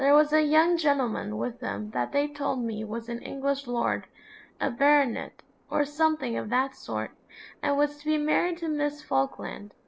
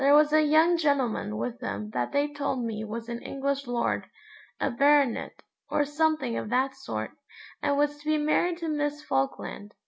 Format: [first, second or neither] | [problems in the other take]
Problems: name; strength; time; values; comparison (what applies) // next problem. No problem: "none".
second | noise reduction (neural separator model SepFormer DNS4)